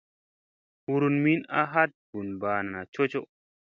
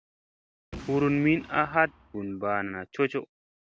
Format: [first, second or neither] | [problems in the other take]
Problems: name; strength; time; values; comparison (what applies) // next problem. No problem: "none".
first | background sound (Boom); 18 dB below the speech